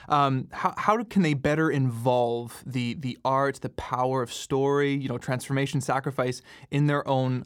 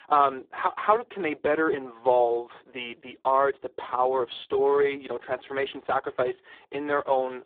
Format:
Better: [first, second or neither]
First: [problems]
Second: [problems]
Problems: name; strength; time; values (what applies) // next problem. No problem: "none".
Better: first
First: none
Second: phone-call audio; poor line